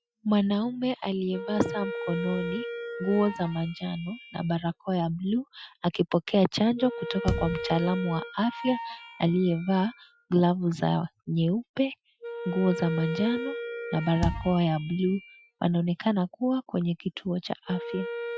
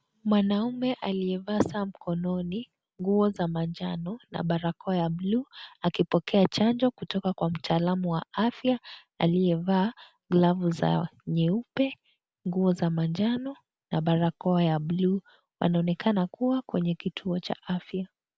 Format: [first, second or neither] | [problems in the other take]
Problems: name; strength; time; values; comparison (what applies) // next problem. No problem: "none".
second | noise reduction (classical method Wiener filter)